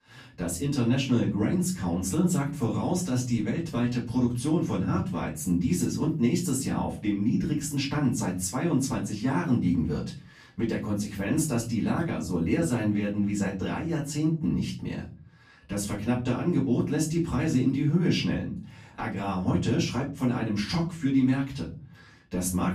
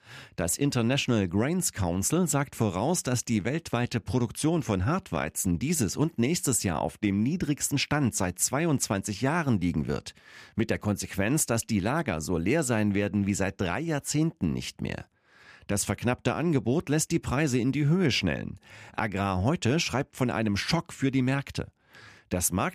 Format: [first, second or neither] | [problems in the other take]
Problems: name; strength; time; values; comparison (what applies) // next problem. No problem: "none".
second | off-mic speech; far // room echo; slight; dies away in 0.5 s